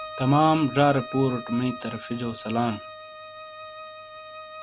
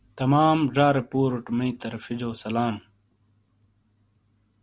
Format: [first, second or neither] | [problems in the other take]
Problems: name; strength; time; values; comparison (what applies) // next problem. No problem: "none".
second | background sound (Bowed string instrument); 13 dB below the speech